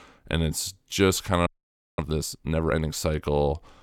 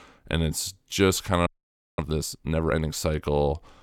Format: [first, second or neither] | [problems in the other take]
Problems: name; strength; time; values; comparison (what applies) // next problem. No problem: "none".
neither | audio freezing; at 1.5 s for 0.5 s; the same in both